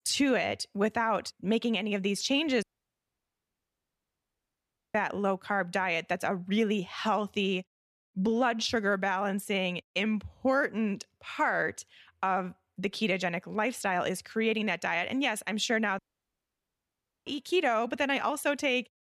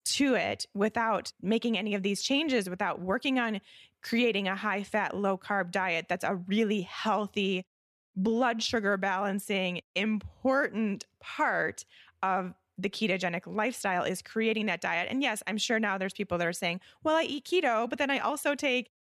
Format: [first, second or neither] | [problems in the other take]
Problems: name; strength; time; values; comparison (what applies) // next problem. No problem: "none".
second | audio cutting out; at 2.5 s for 2.5 s and at 16 s for 1.5 s